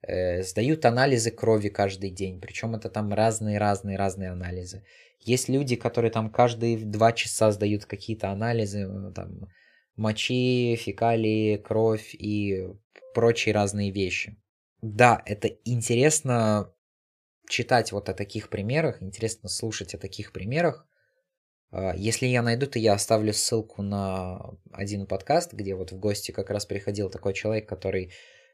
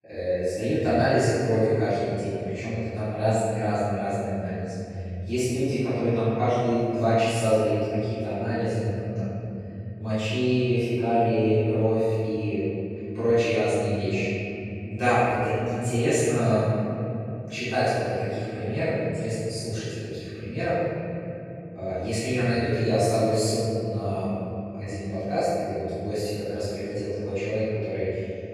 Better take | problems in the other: first | off-mic speech; far // room echo; strong; dies away in 3 s

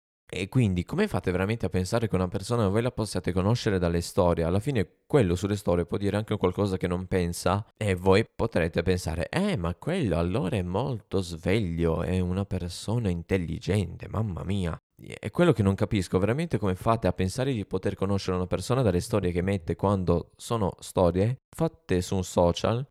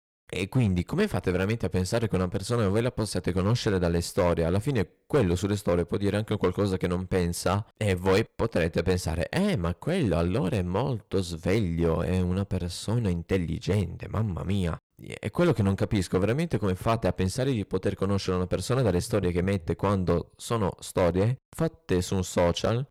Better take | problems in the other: first | distortion; slight; 4% of the sound clipped

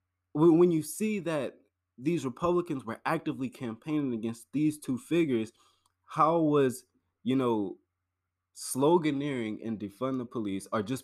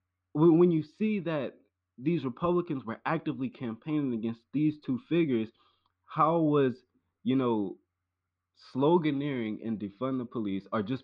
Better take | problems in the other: first | muffled; slightly; fading above 4 kHz

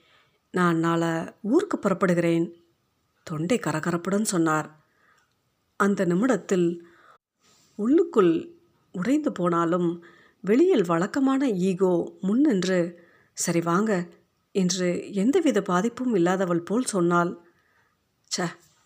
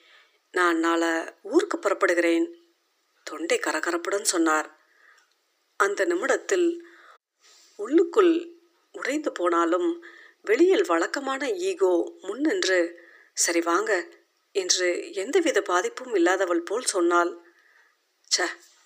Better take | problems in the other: first | thin; very; fading below 350 Hz

